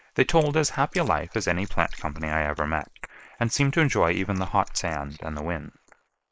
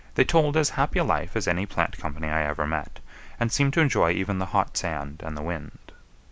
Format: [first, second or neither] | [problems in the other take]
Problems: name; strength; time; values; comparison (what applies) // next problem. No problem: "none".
second | noise reduction (neural mask model Resemble Enhance denoiser)